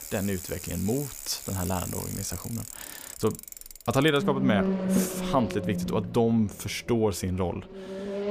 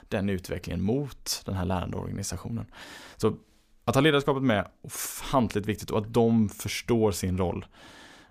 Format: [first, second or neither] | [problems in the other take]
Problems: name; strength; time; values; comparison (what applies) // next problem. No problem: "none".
second | traffic noise; loud; throughout; 5 dB below the speech